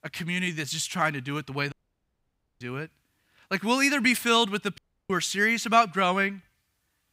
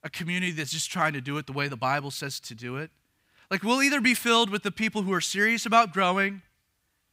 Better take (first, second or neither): second